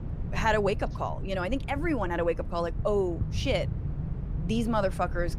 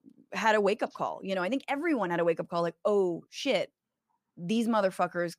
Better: second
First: low rumble; noticeable; throughout; 15 dB below the speech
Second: none

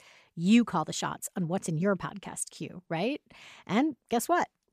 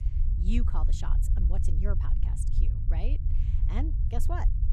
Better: first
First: none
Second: low rumble; loud; throughout; 5 dB below the speech

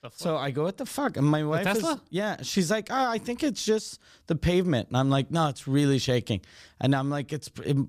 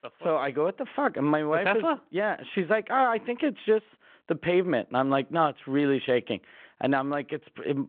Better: first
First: none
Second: phone-call audio

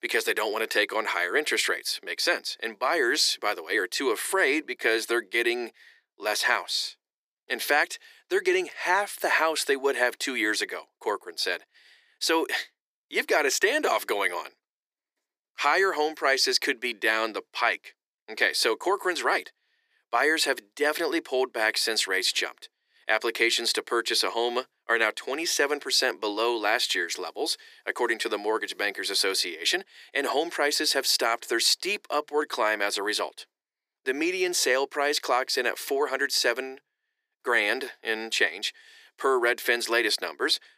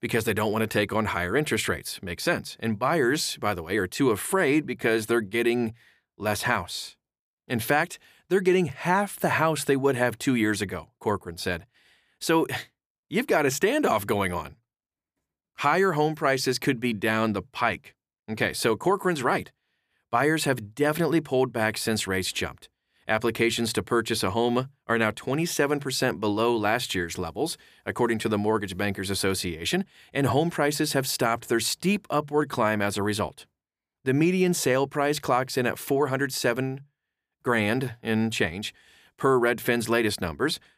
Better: second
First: thin; very; fading below 350 Hz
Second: none

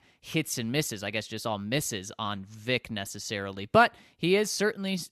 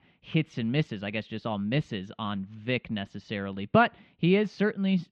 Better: first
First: none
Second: muffled; very; fading above 3 kHz

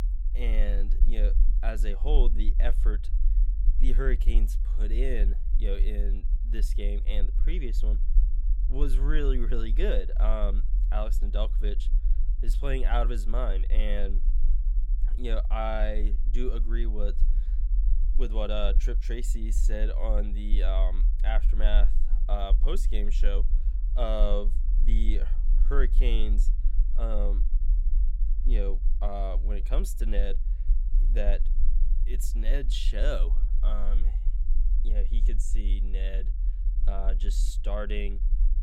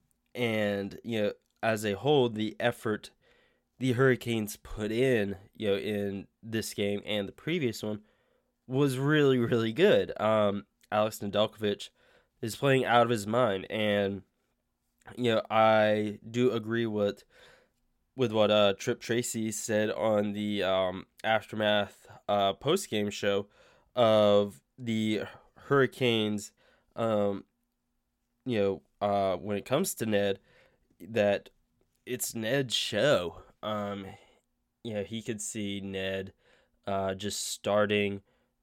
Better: second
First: low rumble; noticeable; throughout; 15 dB below the speech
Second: none

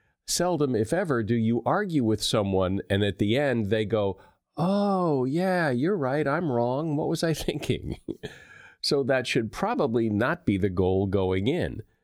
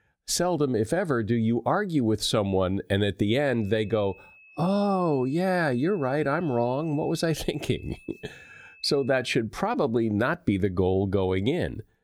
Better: first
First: none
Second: high-pitched whine; faint; from 3.5 to 9 s; 2.5 kHz, 25 dB below the speech

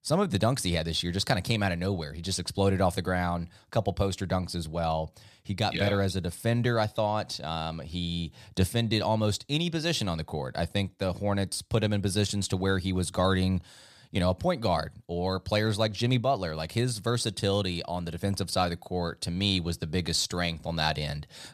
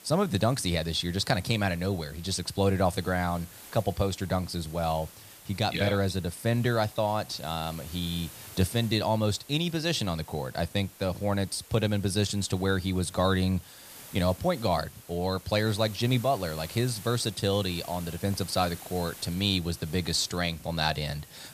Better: first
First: none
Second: hiss; noticeable; throughout; 20 dB below the speech

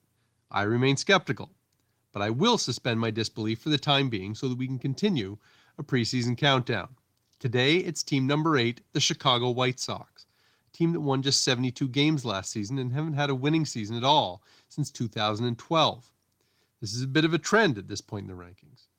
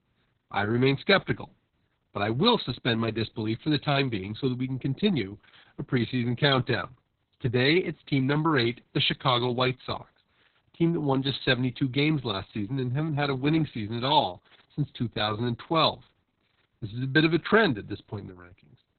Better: first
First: garbled, watery; slightly; nothing above 16.5 kHz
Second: garbled, watery; badly; nothing above 4 kHz

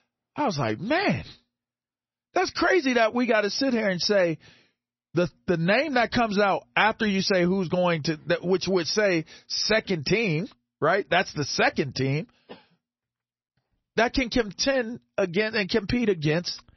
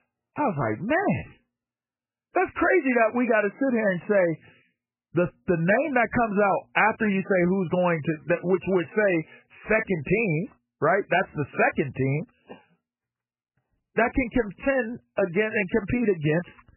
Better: first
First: garbled, watery; slightly; nothing above 6 kHz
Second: garbled, watery; badly; nothing above 3 kHz

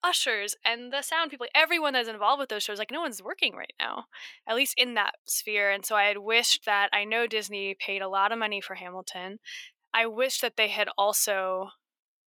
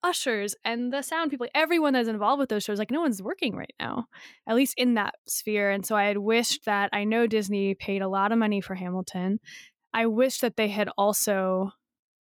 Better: second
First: thin; very; fading below 600 Hz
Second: none

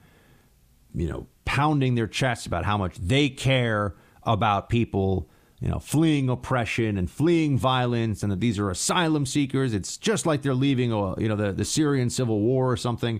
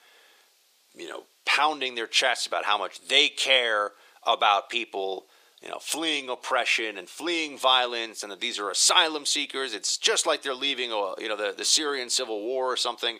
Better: first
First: none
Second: thin; very; fading below 450 Hz

